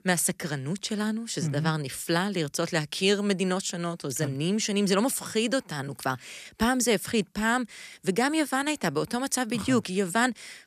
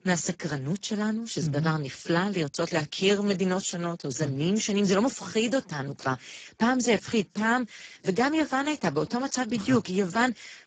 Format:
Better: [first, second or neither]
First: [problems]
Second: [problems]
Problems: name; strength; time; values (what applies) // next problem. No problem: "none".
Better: first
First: none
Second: garbled, watery; badly; nothing above 7.5 kHz